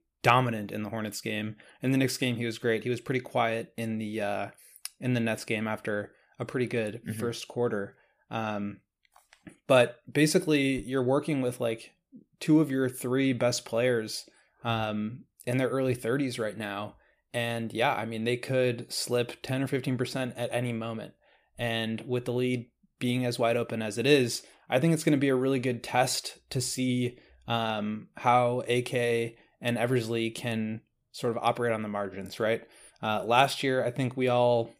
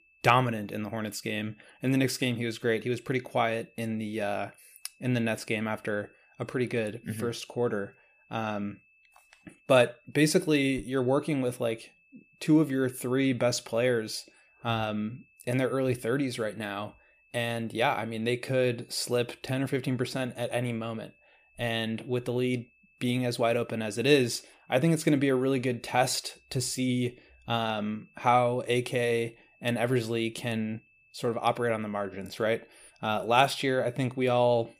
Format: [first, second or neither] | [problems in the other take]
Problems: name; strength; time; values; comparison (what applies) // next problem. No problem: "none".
first | high-pitched whine; faint; throughout; 2.5 kHz, 35 dB below the speech